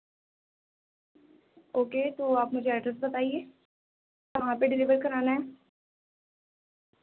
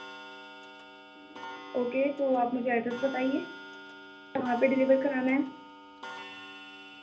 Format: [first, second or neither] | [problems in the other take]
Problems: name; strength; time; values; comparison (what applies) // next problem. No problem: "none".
first | background sound (Clock); 14 dB below the speech // room echo; dies away in 0.3 s